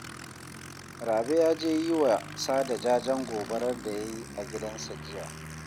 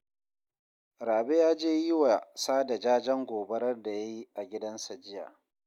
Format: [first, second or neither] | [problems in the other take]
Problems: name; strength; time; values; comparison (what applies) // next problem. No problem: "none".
second | background sound (Aircraft); 12 dB below the speech